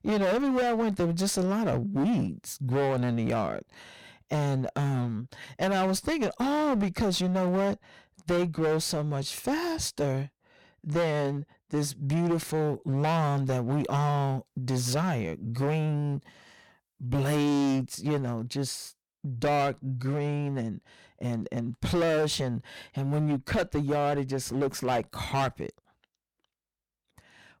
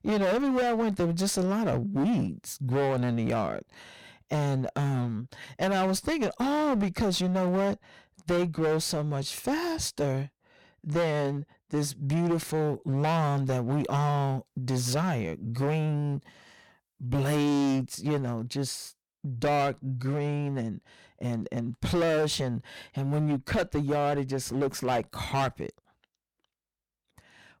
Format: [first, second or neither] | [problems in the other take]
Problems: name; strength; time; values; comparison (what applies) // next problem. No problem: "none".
neither | distortion; heavy; 17% of the sound clipped; the same in both